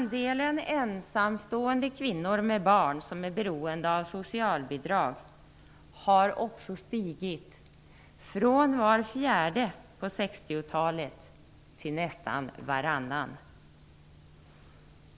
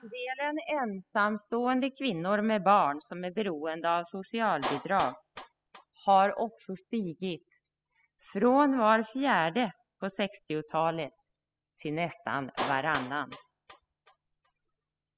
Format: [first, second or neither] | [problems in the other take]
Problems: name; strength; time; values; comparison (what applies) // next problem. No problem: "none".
first | noise reduction (classical method spectral subtraction)